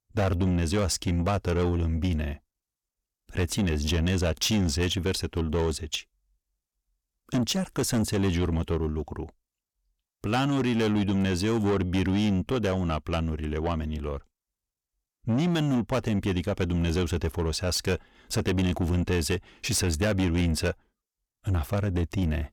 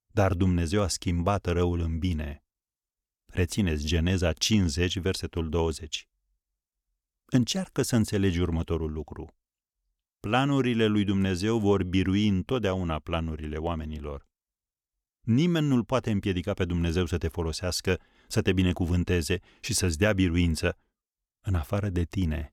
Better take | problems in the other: second | distortion; slight; 10 dB below the speech

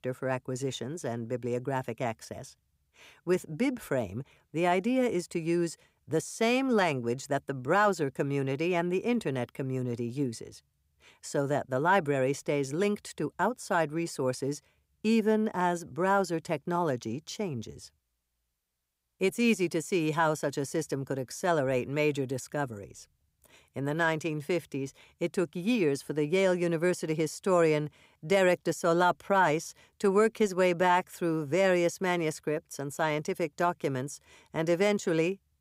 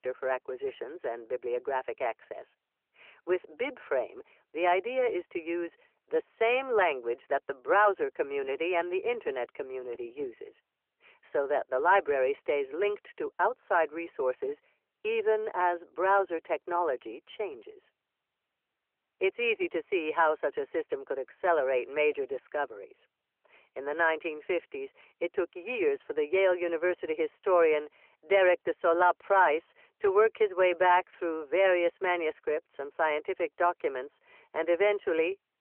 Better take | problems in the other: first | phone-call audio; nothing above 3 kHz

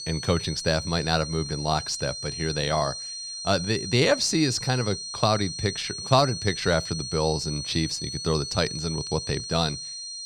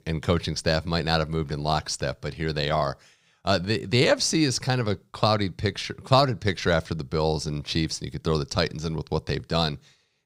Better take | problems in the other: second | high-pitched whine; loud; throughout; 4 kHz, 7 dB below the speech

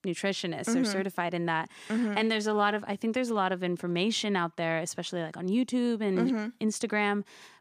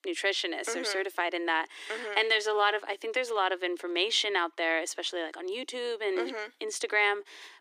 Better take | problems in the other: first | thin; very; fading below 300 Hz

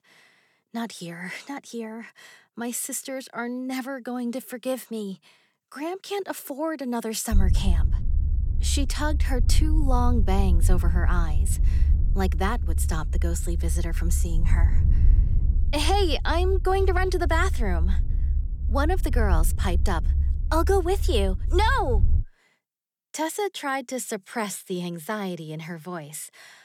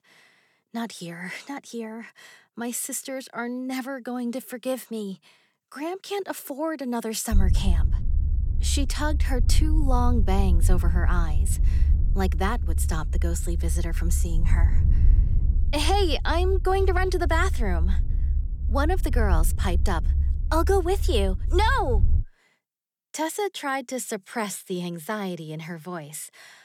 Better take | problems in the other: neither | low rumble; noticeable; from 7.5 to 22 s; 15 dB below the speech; the same in both

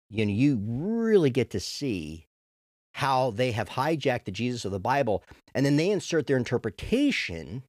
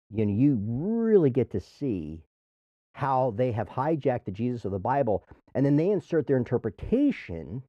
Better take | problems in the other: first | muffled; very; fading above 2 kHz

